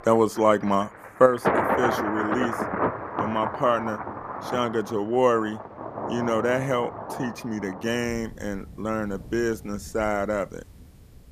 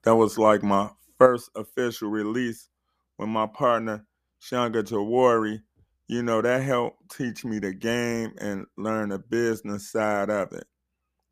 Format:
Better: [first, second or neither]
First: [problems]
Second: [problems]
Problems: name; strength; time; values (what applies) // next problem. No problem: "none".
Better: second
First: rain or running water; loud; throughout; 4 dB below the speech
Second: none